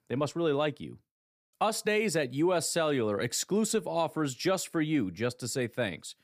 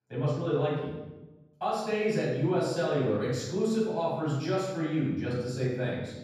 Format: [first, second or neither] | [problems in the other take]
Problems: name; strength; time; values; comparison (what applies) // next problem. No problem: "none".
first | room echo; strong; dies away in 1.3 s // off-mic speech; far